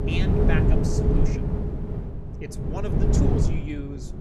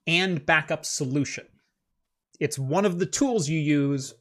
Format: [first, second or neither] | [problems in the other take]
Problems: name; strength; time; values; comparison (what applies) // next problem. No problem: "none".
second | wind noise on the microphone; heavy; 4 dB above the speech